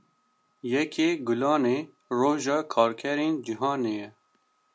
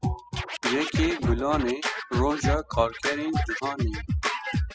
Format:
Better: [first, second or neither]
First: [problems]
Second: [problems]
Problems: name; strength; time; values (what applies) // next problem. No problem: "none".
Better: first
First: none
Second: noise reduction (classical method spectral subtraction)